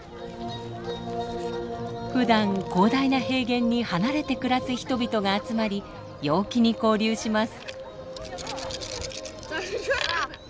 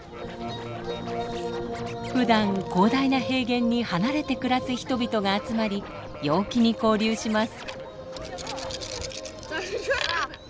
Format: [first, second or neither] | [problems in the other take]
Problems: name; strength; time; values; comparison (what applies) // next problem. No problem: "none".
first | background sound (Scratching (performance technique)); 16 dB below the speech